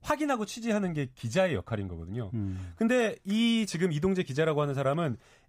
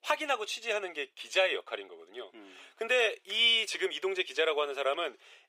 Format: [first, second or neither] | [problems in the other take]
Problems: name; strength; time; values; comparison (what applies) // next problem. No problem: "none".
first | thin; very; fading below 400 Hz